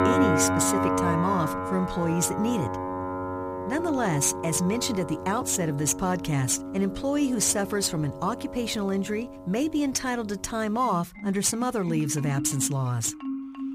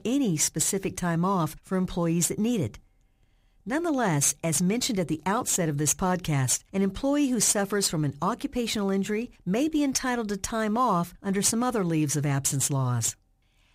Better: second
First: background music; loud; throughout; 5 dB below the speech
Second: none

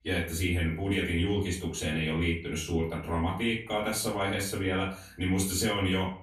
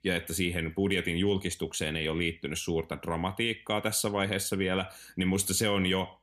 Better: second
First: off-mic speech; far // room echo; slight; dies away in 0.4 s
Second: none

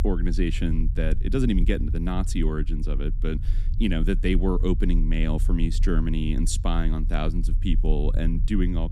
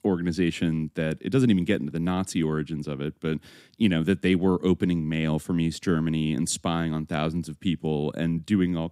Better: second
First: low rumble; noticeable; throughout; 15 dB below the speech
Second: none

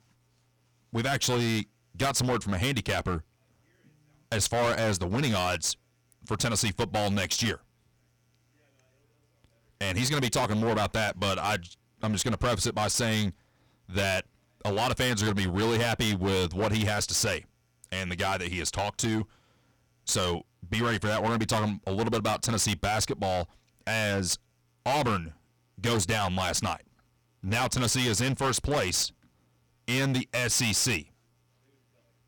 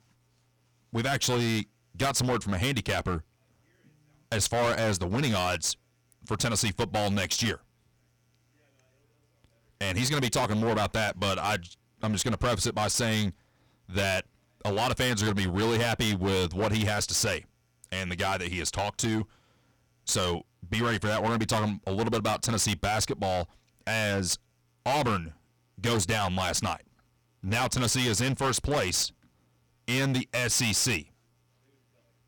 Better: neither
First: distortion; heavy; 14% of the sound clipped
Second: distortion; heavy; 14% of the sound clipped

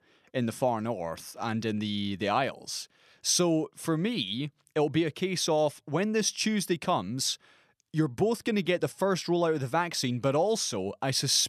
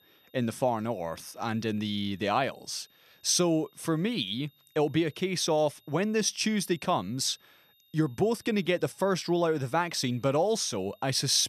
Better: first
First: none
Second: high-pitched whine; faint; throughout; 3.5 kHz, 35 dB below the speech

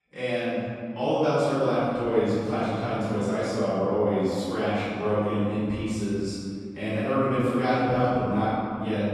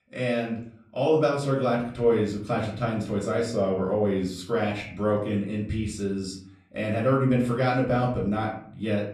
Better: second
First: room echo; strong; dies away in 2.3 s // off-mic speech; far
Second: room echo; slight; dies away in 0.5 s // off-mic speech; far

